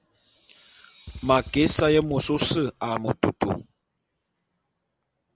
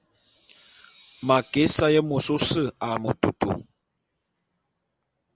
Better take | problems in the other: second | background sound (Motorcycle / Engine); 15 dB below the speech

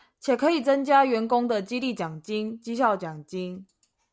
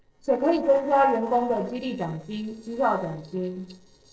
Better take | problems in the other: first | noise reduction (neural separator model SepFormer DNS4)

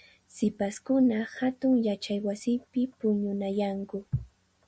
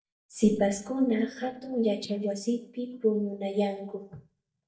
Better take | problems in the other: first | noise reduction (neural mask model DeepFilterNet 3)

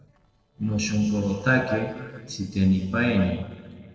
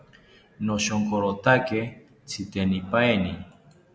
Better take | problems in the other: second | noise reduction (neural separator model SepFormer DNS4)

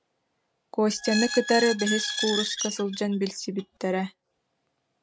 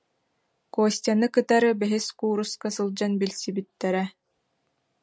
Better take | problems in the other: second | background sound (Squeak); 4 dB below the speech

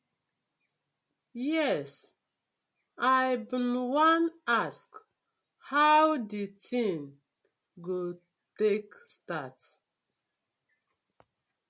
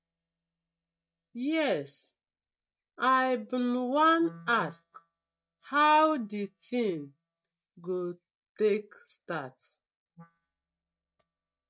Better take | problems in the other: first | noise reduction (neural mask model DeepFilterNet 3)

